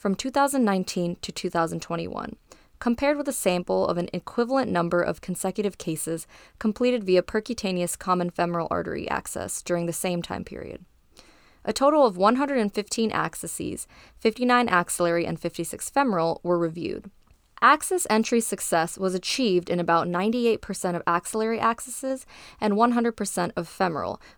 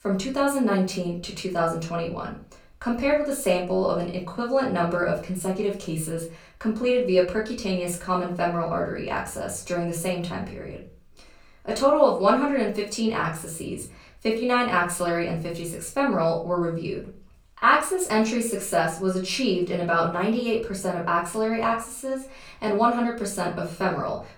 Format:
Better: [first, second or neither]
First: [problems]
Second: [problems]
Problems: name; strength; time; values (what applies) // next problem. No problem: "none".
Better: first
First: none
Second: off-mic speech; far // room echo; slight; dies away in 0.4 s